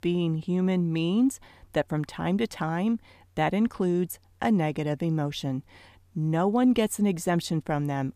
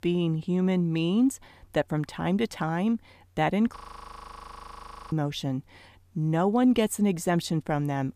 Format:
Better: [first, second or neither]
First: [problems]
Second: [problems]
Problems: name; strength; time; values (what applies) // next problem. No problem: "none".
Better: first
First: none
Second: audio freezing; at 4 s for 1.5 s